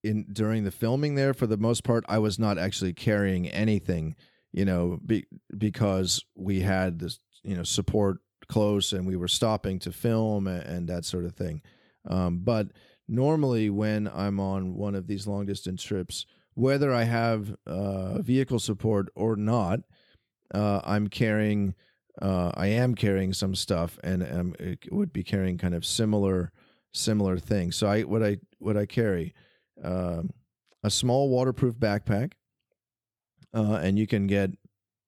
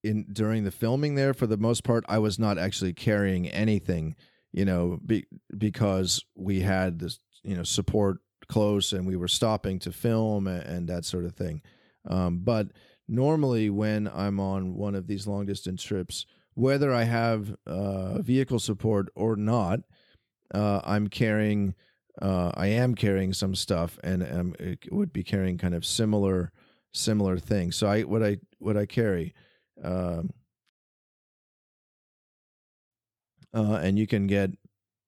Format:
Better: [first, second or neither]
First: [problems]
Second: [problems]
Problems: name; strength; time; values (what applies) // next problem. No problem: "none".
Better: first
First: none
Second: audio cutting out; at 31 s for 2 s